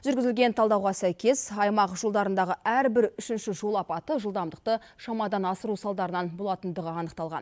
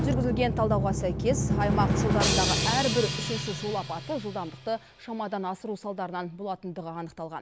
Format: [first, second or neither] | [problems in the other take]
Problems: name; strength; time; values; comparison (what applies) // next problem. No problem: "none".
first | background sound (Drum); 1 dB above the speech